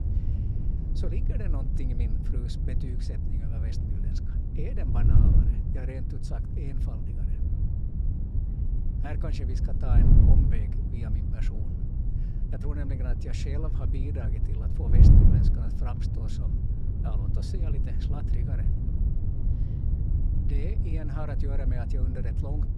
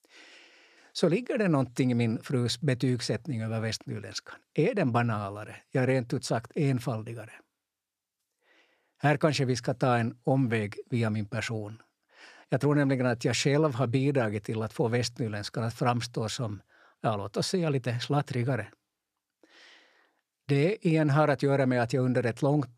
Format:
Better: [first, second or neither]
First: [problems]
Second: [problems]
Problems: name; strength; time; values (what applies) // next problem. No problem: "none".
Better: second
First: wind noise on the microphone; heavy; 3 dB above the speech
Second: none